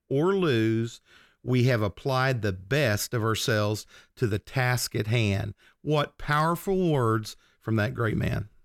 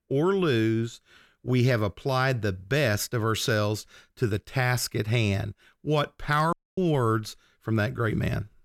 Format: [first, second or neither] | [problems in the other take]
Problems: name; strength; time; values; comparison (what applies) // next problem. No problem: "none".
first | audio cutting out; at 6.5 s